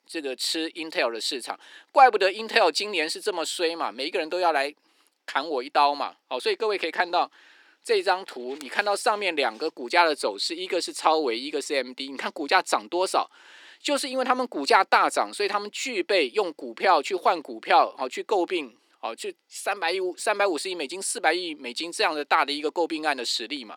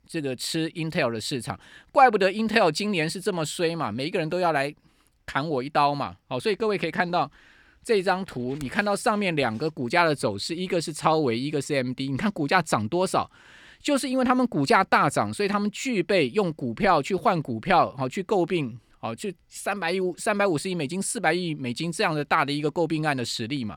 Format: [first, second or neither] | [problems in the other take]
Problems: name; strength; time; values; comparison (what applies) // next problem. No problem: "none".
second | thin; somewhat; fading below 300 Hz